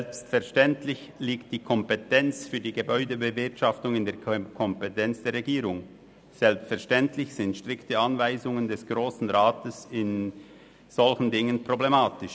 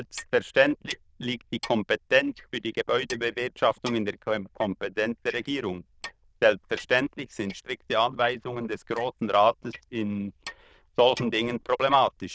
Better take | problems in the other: first | noise reduction (neural diffusion model UNIVERSE++)

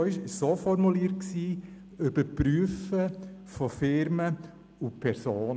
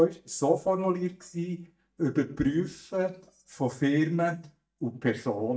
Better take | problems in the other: first | noise reduction (neural mask model DeepFilterNet 3)

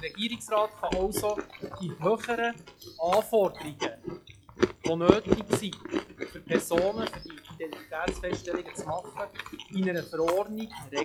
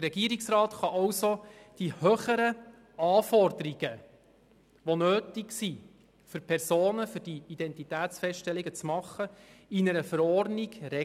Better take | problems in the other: second | noise reduction (classical method log-MMSE)

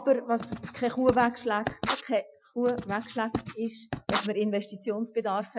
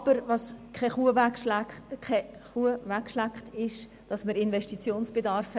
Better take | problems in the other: second | noise reduction (classical method Wiener filter)

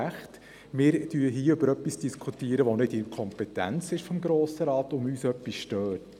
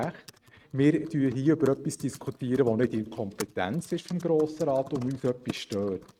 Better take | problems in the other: first | noise reduction (neural mask model RNNoise)

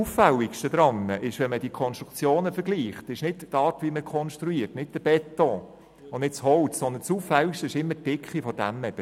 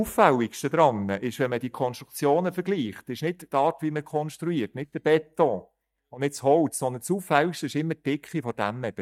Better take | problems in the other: first | noise reduction (neural mask model DeepFilterNet 3)

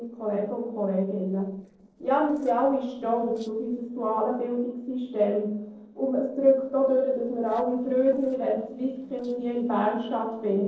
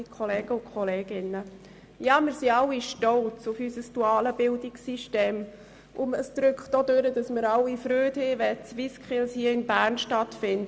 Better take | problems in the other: second | noise reduction (neural separator model SepFormer DNS4)

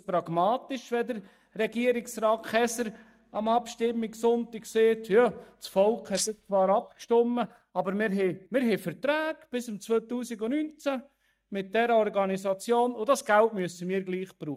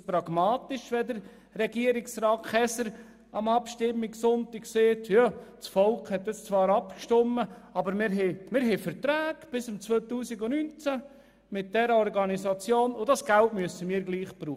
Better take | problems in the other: second | noise reduction (neural mask model DeepFilterNet 3)

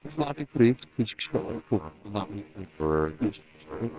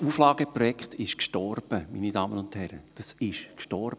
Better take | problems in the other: second | noise reduction (neural separator model SepFormer WHAMR!)

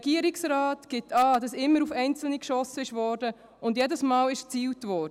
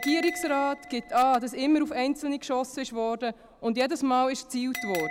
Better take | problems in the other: first | background sound (Bell); 14 dB below the speech

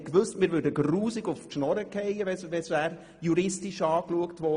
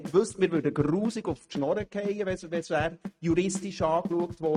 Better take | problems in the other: first | noise reduction (neural mask model RNNoise)

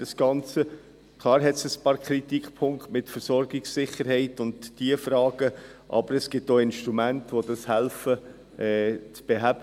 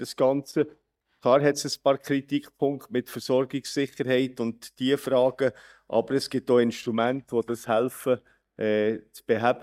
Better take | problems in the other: first | noise reduction (neural mask model DeepFilterNet 3)

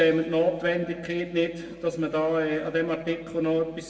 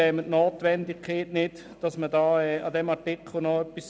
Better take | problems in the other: second | room echo; dies away in 1.4 s

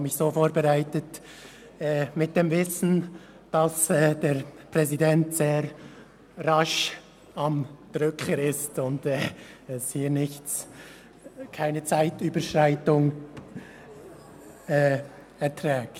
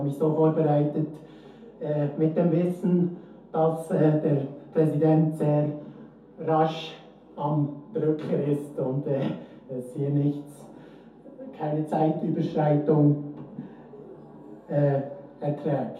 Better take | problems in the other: first | room echo; dies away in 0.5 s

